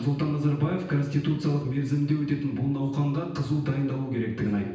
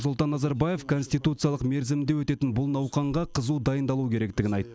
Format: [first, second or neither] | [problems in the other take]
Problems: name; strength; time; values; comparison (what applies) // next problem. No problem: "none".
second | room echo; dies away in 0.9 s